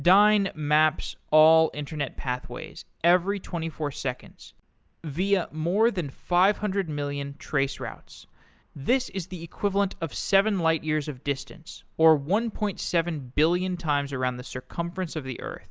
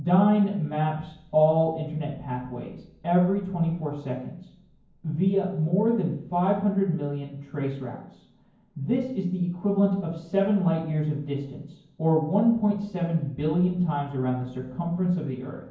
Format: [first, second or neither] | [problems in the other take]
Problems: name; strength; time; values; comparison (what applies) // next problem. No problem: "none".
first | room echo; dies away in 0.9 s